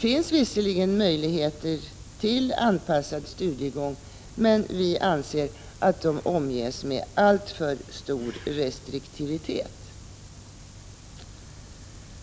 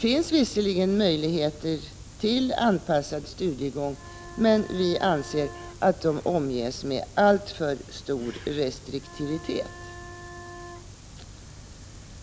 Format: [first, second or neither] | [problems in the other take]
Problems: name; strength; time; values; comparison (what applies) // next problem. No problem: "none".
first | background sound (Bowed string instrument); 19 dB below the speech